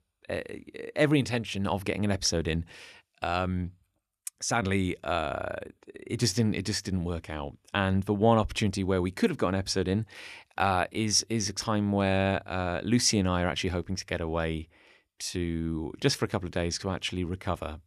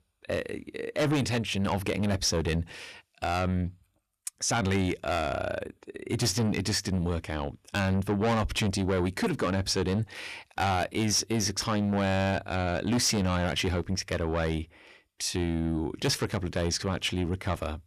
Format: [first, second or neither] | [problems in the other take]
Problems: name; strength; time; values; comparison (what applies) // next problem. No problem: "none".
first | distortion; heavy; 7 dB below the speech